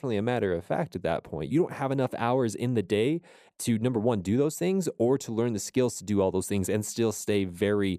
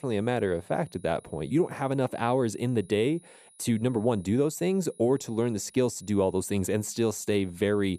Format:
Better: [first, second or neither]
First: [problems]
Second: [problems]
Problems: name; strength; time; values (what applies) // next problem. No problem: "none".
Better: first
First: none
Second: high-pitched whine; faint; throughout; 10.5 kHz, 25 dB below the speech